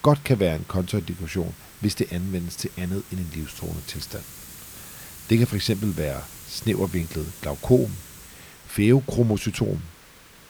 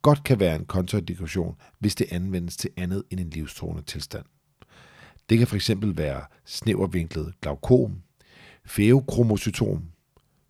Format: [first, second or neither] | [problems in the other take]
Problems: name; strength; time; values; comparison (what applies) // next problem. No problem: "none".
second | hiss; noticeable; throughout; 15 dB below the speech